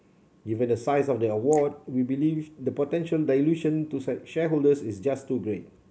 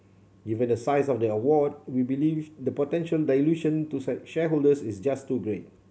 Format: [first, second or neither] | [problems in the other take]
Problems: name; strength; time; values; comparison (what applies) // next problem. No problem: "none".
second | noise reduction (neural mask model Resemble Enhance denoiser)